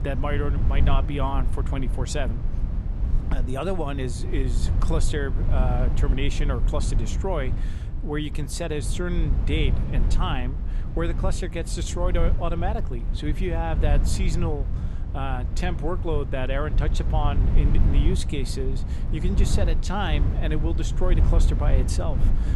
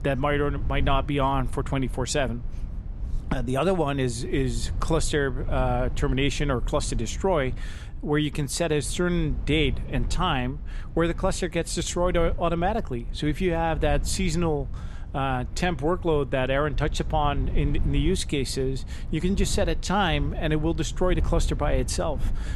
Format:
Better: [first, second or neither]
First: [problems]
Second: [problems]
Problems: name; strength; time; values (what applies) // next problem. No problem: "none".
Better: second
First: low rumble; loud; throughout; 9 dB below the speech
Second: low rumble; faint; throughout; 20 dB below the speech